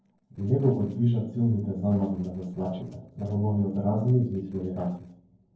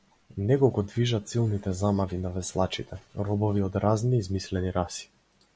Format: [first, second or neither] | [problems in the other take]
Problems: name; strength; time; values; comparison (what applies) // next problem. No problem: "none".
second | noise reduction (neural separator model SepFormer DNS4)